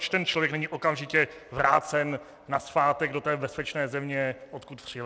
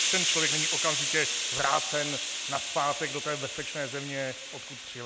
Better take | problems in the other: first | background sound (Hiss); 1 dB above the speech

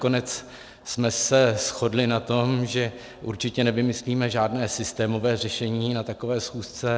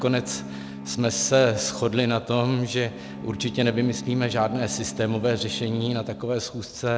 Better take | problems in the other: first | background sound (Bowed string instrument); 12 dB below the speech

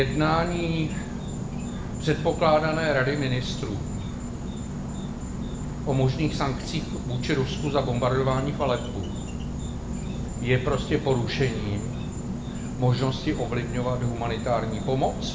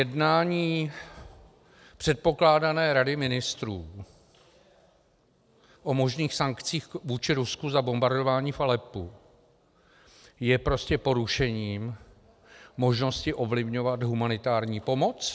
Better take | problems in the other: second | background sound (Insect); 4 dB below the speech // room echo; dies away in 0.8 s

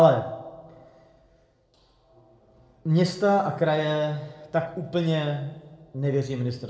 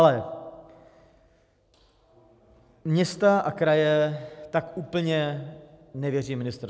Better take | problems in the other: second | room echo; dies away in 0.5 s

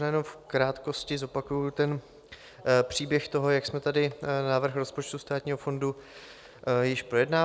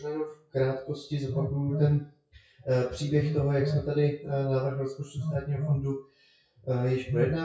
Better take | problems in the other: first | noise reduction (classical method WPE with log-MMSE)

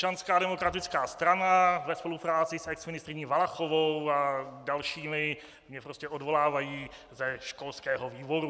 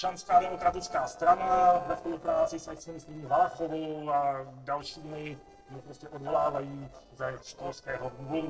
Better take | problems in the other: first | noise reduction (neural separator model SepFormer DNS4)

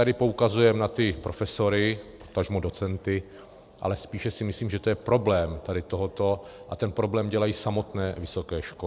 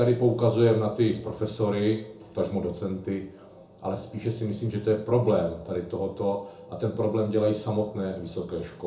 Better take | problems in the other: first | room echo; dies away in 0.6 s

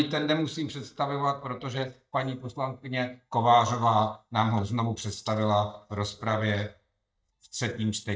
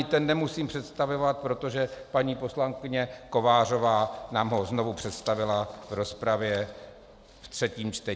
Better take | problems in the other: second | noise reduction (neural mask model DeepFilterNet 3)

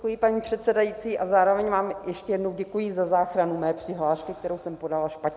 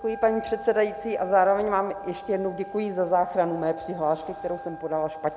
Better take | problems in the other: first | background sound (Wind instrument, woodwind instrument); 14 dB below the speech

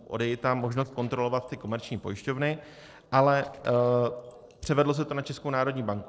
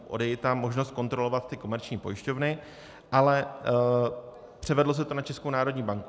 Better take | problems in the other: second | noise reduction (neural separator model SepFormer DNS4)

